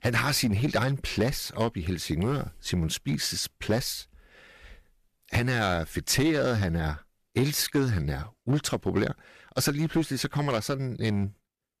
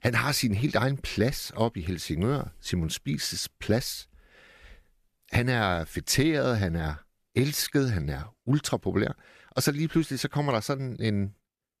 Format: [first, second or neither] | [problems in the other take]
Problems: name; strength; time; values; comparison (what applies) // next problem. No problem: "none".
second | distortion; slight; 5% of the sound clipped